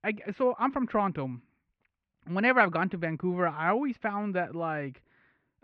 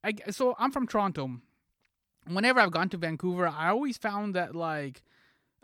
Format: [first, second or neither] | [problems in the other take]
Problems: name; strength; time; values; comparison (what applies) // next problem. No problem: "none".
second | muffled; very; fading above 2.5 kHz